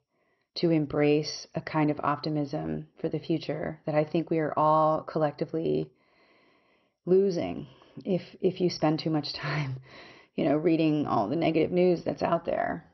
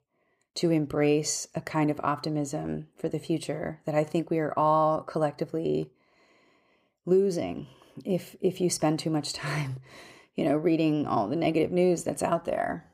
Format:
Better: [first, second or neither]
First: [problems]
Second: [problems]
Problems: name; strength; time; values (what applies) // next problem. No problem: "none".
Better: second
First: garbled, watery; slightly; nothing above 6 kHz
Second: none